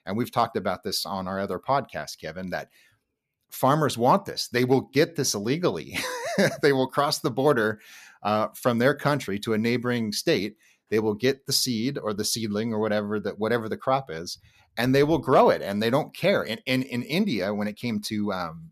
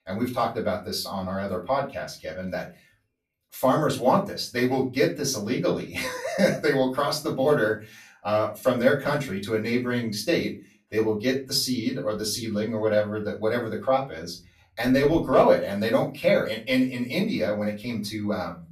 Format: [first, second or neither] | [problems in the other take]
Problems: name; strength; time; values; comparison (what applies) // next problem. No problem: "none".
first | off-mic speech; far // room echo; very slight; dies away in 0.3 s